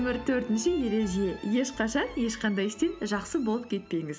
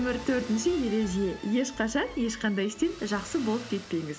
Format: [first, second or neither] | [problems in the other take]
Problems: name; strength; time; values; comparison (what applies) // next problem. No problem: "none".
first | background sound (Motor vehicle (road)); 18 dB below the speech